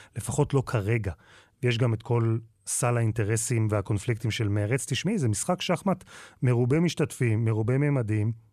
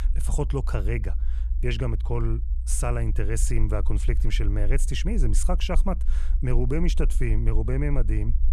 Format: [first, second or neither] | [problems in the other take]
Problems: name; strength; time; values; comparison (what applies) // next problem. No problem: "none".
first | low rumble; noticeable; throughout; 15 dB below the speech